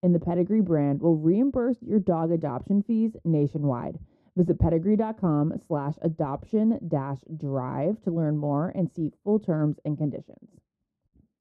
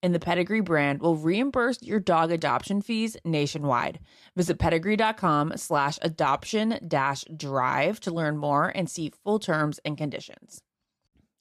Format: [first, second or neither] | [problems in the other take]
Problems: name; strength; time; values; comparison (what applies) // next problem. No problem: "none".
second | muffled; very; fading above 1 kHz